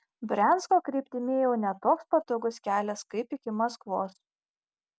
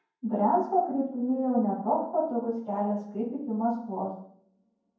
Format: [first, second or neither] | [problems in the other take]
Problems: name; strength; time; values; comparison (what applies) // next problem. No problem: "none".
first | room echo; dies away in 0.9 s